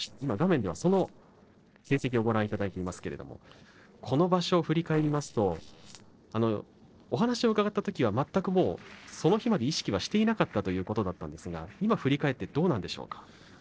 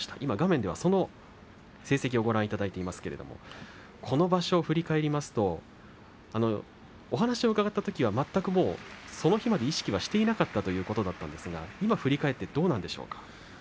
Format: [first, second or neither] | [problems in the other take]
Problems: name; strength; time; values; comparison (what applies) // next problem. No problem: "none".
second | noise reduction (neural separator model SepFormer DNS4)